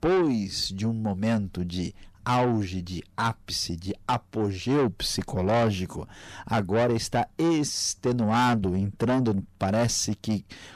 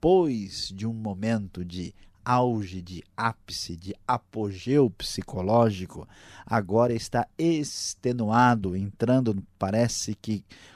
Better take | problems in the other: second | distortion; heavy; 7 dB below the speech

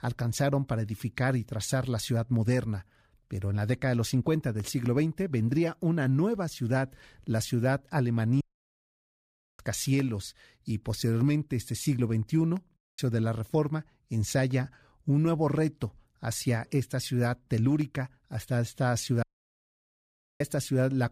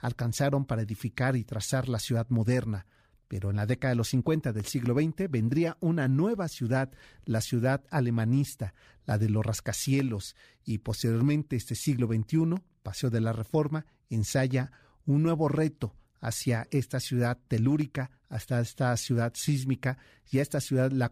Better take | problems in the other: second | audio cutting out; at 8.5 s for 1 s, at 13 s and at 19 s for 1 s

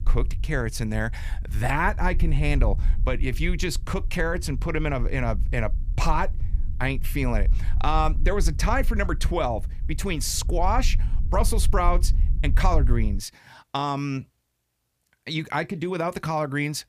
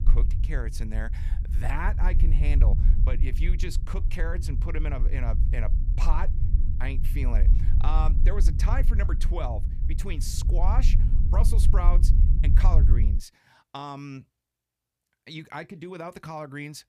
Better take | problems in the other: first | low rumble; loud; until 13 s; 8 dB below the speech; faint in the first

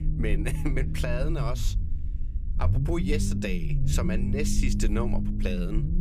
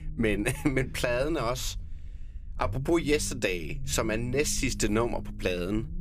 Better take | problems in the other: second | low rumble; loud; throughout; 6 dB below the speech; faint in the second

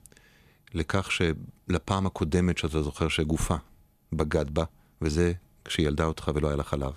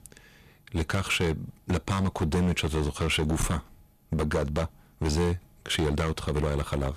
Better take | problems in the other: first | distortion; heavy; 11% of the sound clipped

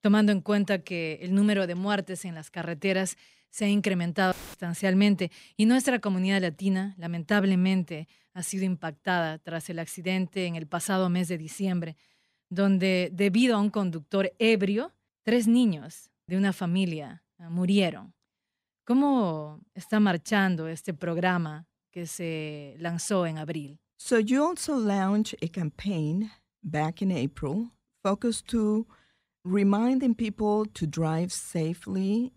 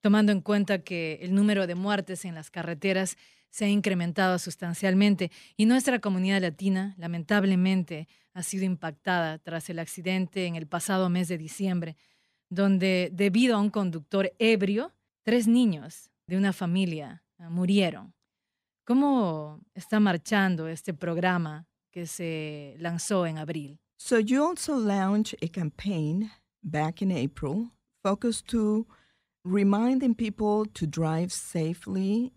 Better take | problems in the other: second | audio cutting out; filled with static; at 4.5 s

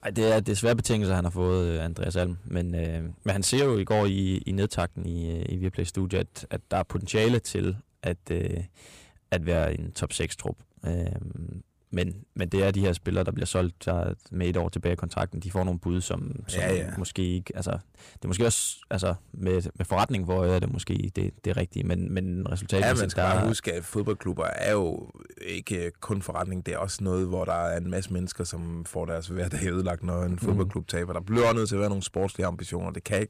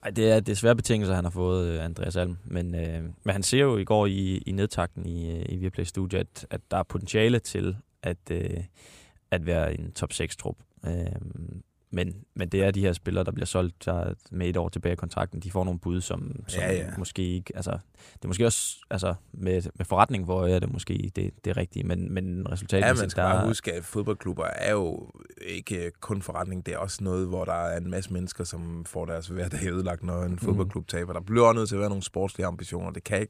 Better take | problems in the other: second | distortion; slight; 3% of the sound clipped

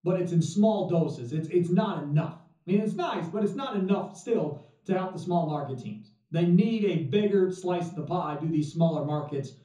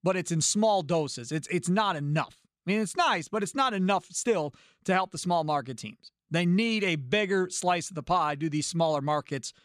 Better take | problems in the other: second | room echo; noticeable; dies away in 0.6 s // off-mic speech; far

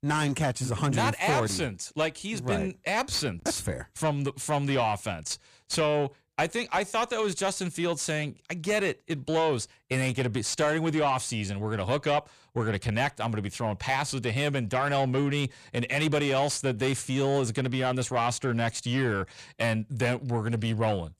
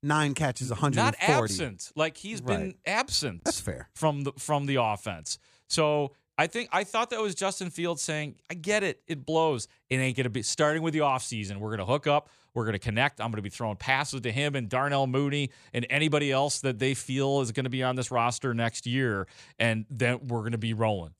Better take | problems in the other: second | distortion; slight; 10 dB below the speech

